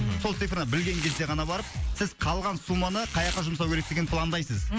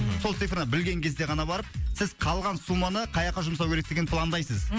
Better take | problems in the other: second | background sound (Domestic sounds, home sounds); 13 dB below the speech

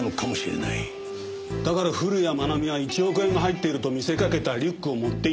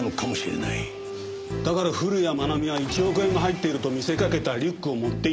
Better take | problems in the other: first | background sound (Cricket / Waves, surf); 17 dB below the speech

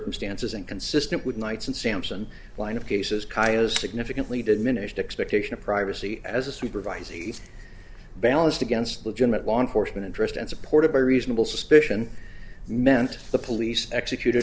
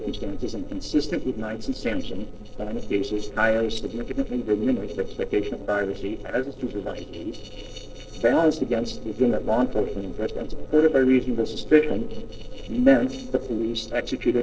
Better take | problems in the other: first | noise reduction (neural separator model SepFormer DNS4)

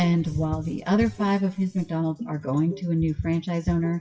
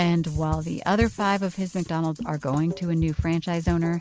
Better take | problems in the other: second | noise reduction (classical method WPE with log-MMSE)

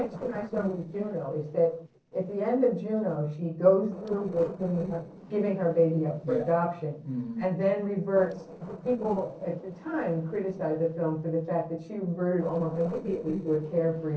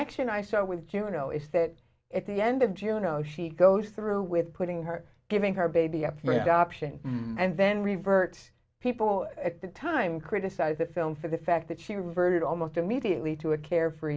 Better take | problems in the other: second | noise reduction (neural separator model SepFormer DNS4)

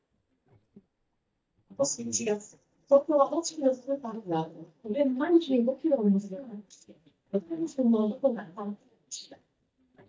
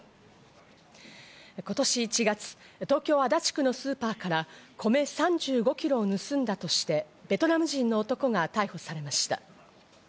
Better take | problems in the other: second | noise reduction (neural mask model DeepFilterNet 3)

